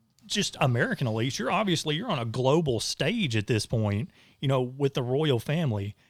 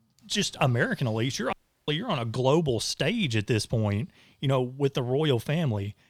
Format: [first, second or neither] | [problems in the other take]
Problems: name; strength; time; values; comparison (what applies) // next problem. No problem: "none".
first | audio cutting out; at 1.5 s